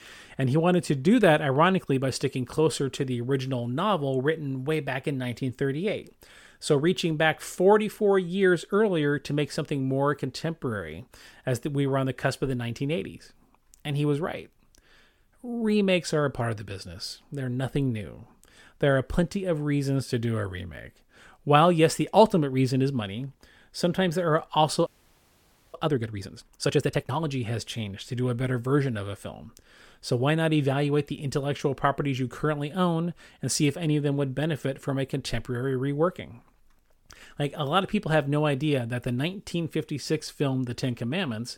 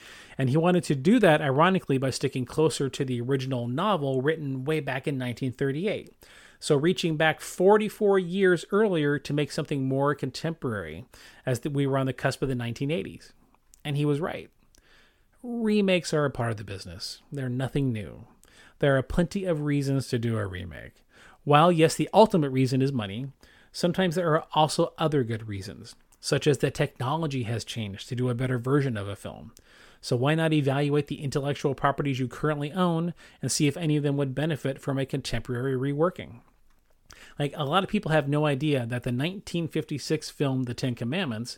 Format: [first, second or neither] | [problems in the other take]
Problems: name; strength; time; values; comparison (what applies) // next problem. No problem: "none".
second | audio freezing; at 25 s for 1 s